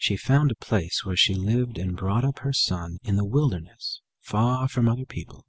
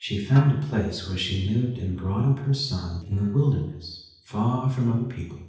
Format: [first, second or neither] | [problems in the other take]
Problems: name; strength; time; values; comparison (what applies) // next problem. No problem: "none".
first | noise reduction (neural separator model SepFormer DNS4)